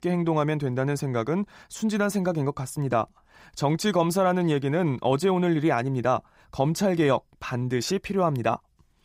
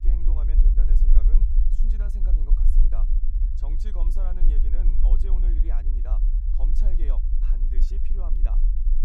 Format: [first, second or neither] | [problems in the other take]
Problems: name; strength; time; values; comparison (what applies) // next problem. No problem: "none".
first | low rumble; loud; throughout; 1 dB below the speech